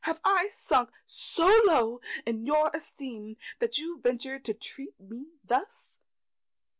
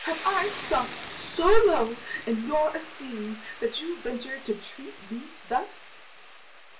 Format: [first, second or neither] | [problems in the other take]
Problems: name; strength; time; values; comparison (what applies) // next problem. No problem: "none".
first | background sound (Boiling / Hiss); 15 dB below the speech // room echo; dies away in 0.2 s